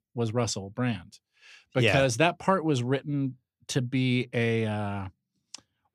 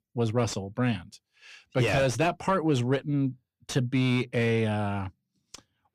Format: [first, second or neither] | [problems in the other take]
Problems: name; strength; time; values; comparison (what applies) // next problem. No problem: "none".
first | distortion; slight; 10 dB below the speech